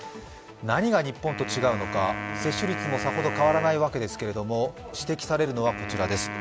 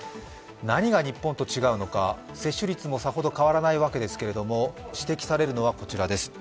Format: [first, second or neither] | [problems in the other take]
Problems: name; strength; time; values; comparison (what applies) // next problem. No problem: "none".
second | background sound (Wind instrument, woodwind instrument); 8 dB below the speech